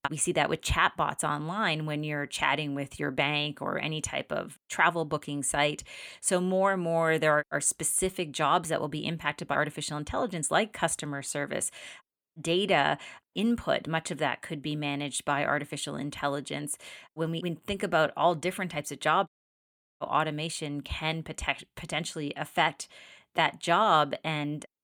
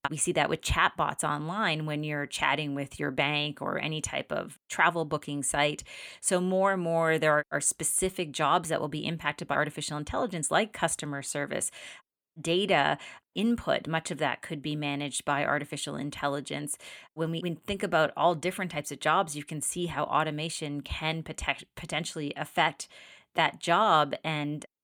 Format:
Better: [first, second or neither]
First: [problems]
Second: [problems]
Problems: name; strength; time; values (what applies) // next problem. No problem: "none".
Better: second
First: audio cutting out; at 19 s for 0.5 s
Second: none